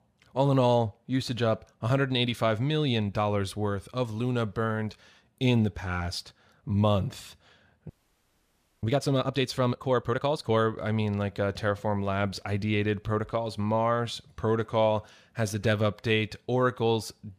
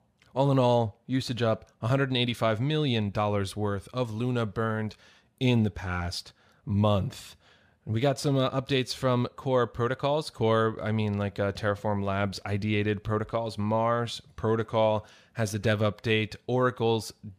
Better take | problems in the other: second | audio freezing; at 8 s for 1 s

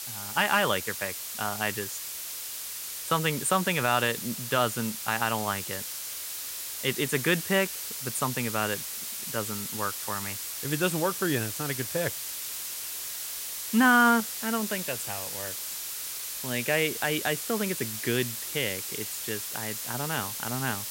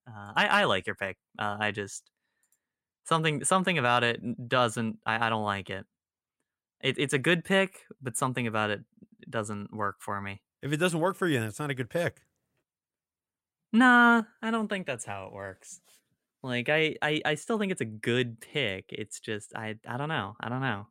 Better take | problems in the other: second | hiss; loud; throughout; 4 dB below the speech

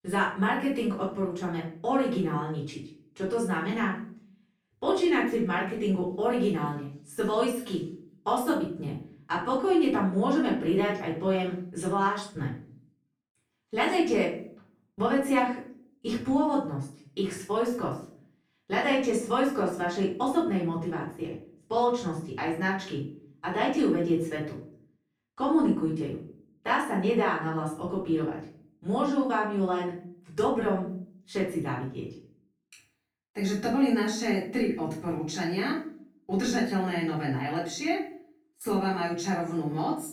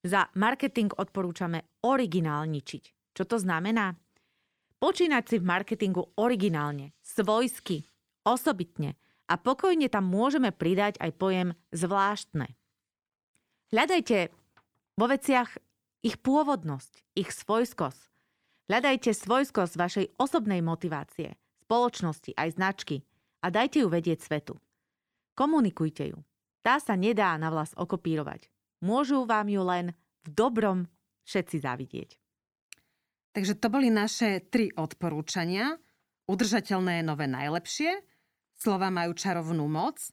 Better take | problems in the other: second | off-mic speech; far // room echo; noticeable; dies away in 0.4 s

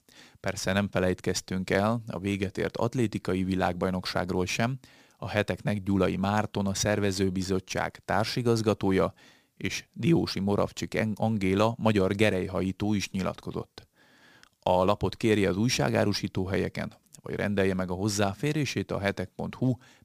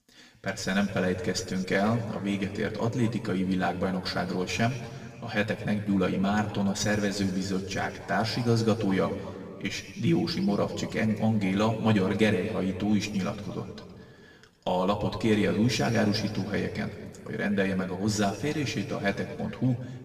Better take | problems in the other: first | room echo; noticeable; dies away in 1.8 s // off-mic speech; somewhat distant

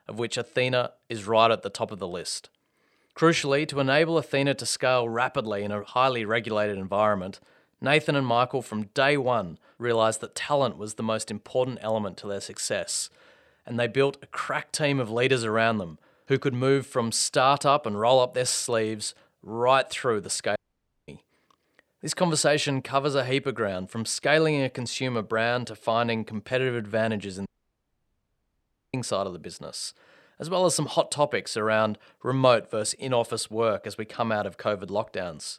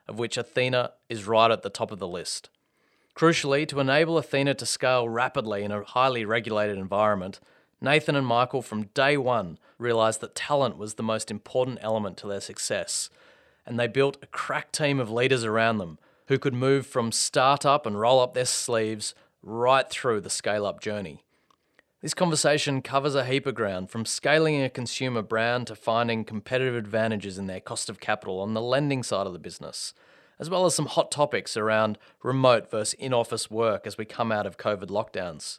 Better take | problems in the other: second | audio cutting out; at 21 s for 0.5 s and at 27 s for 1.5 s

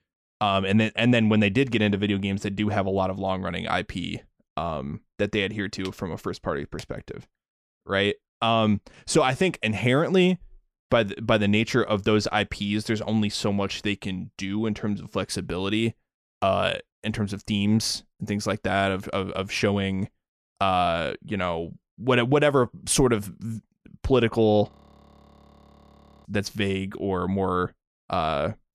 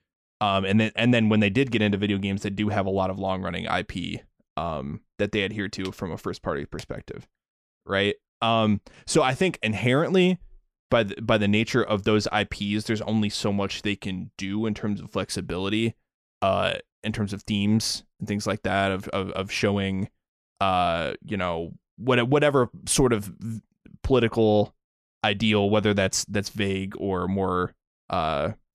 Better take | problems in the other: second | audio freezing; at 25 s for 1.5 s

